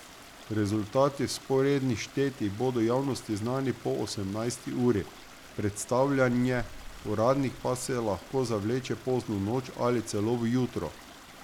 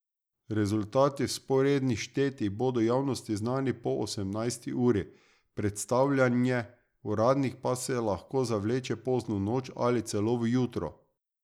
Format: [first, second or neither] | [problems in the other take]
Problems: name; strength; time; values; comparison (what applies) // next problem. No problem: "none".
second | background sound (Stream); 18 dB below the speech